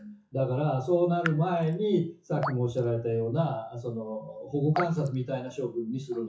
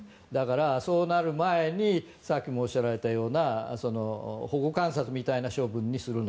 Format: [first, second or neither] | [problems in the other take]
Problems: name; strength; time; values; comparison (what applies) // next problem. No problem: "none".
second | noise reduction (classical method WPE with log-MMSE)